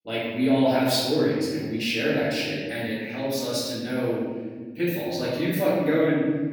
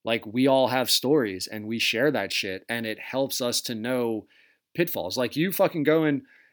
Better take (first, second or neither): second